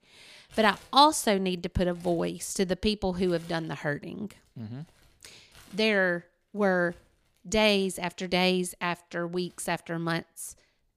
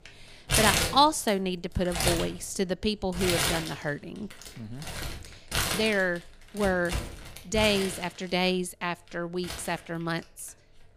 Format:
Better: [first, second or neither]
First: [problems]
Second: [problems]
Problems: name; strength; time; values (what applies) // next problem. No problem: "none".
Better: first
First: household noises; faint; throughout; 30 dB below the speech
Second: household noises; loud; throughout; 2 dB below the speech